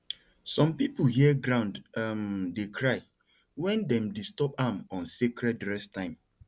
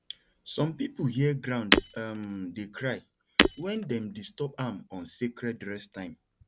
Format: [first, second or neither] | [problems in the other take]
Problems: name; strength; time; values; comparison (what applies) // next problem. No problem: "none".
first | background sound (Shatter); 3 dB above the speech